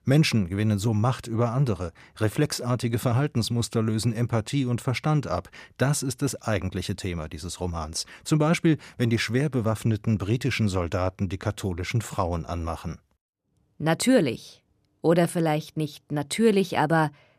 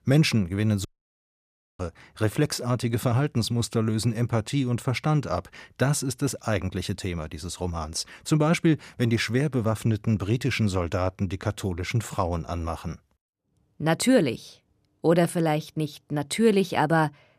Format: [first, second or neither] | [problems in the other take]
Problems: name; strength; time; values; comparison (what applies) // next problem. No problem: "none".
first | audio cutting out; at 1 s for 1 s